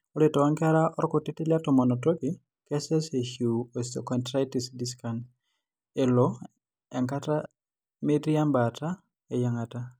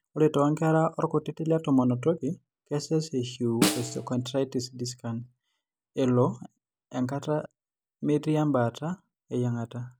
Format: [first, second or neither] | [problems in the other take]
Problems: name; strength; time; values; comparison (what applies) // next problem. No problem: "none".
first | background sound (Snare drum); 5 dB below the speech